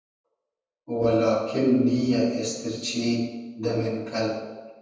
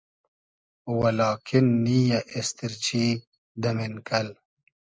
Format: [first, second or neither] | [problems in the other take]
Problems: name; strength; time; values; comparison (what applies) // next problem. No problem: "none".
second | room echo; dies away in 1.1 s